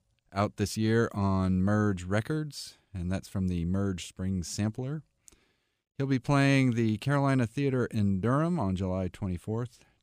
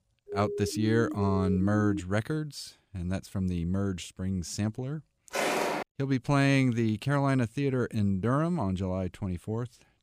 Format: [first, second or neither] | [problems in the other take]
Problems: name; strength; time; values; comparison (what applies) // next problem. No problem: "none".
first | siren; noticeable; until 2 s; peak 5 dB below the speech // footsteps; loud; at 5.5 s; peak 2 dB above the speech